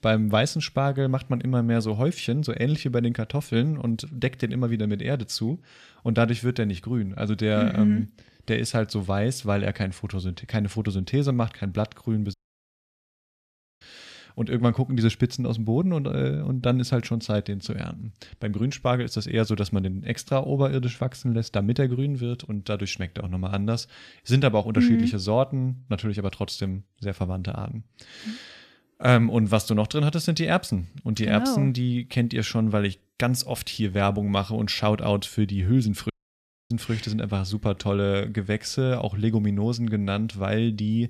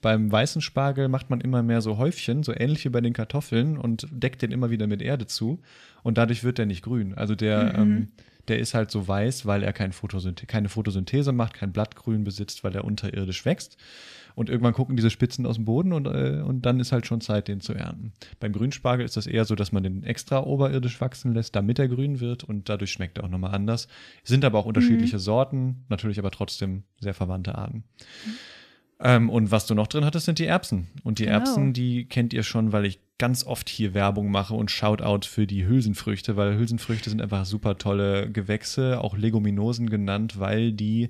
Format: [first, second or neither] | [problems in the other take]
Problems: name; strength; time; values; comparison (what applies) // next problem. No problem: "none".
second | audio cutting out; at 12 s for 1.5 s and at 36 s for 0.5 s